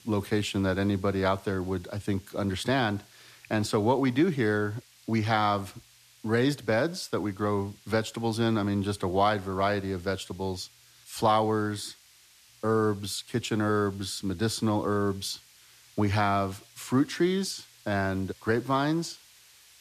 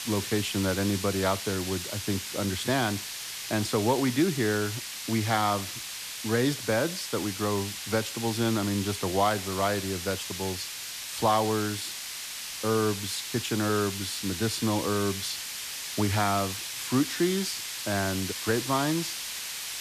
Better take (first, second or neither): first